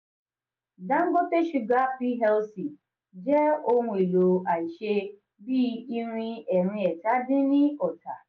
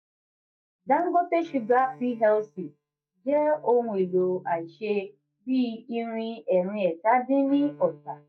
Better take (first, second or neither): first